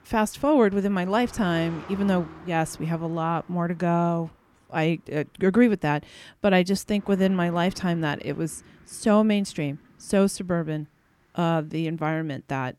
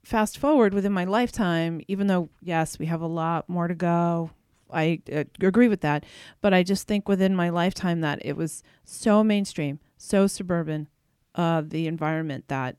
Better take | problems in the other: second | traffic noise; faint; throughout; 20 dB below the speech

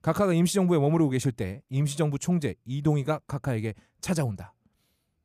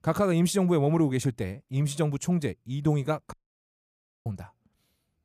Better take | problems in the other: first | audio cutting out; at 3.5 s for 1 s

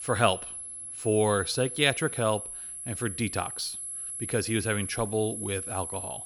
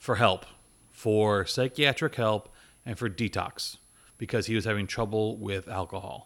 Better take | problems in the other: second | high-pitched whine; loud; throughout; 11 kHz, 6 dB below the speech; faint in the second

